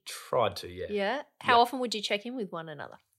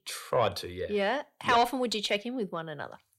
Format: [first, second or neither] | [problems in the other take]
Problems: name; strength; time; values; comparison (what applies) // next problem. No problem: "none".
first | distortion; slight; 10 dB below the speech